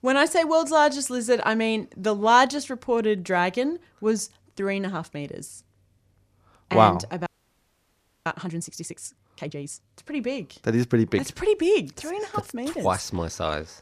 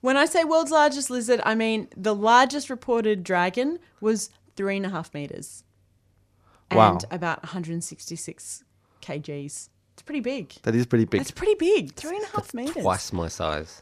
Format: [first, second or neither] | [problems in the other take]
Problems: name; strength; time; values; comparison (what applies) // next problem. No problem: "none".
second | audio freezing; at 7.5 s for 1 s